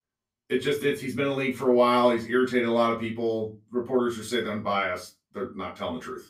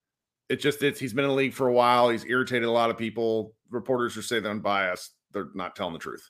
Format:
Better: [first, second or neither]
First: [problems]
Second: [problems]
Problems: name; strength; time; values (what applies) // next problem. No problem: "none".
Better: second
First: off-mic speech; far // room echo; very slight; dies away in 0.2 s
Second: none